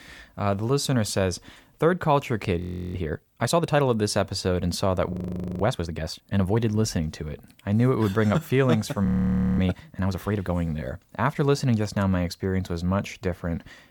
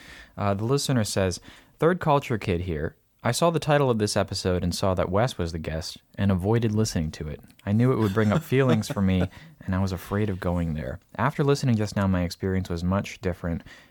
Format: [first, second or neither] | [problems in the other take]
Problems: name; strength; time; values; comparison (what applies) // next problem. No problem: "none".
second | audio freezing; at 2.5 s, at 5 s and at 9 s for 0.5 s